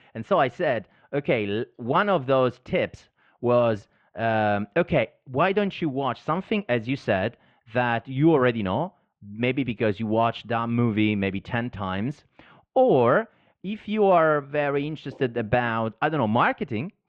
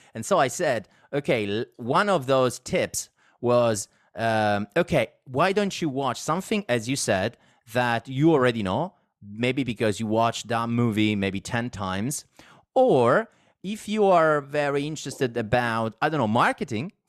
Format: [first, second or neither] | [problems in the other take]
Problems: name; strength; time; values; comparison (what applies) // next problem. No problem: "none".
second | muffled; very; fading above 3 kHz